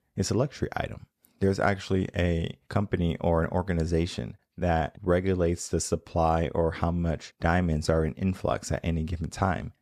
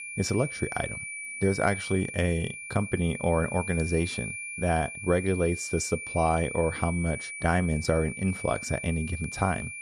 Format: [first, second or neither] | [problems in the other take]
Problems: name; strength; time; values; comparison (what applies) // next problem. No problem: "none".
first | high-pitched whine; loud; throughout; 2.5 kHz, 7 dB below the speech